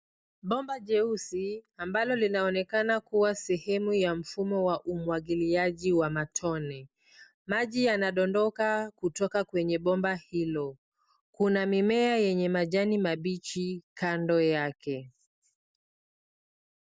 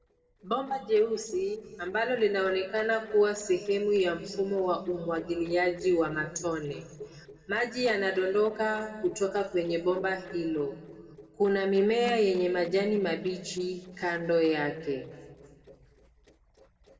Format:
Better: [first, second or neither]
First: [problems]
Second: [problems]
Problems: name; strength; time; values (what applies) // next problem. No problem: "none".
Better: first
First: none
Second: noise reduction (neural separator model SepFormer DNS4)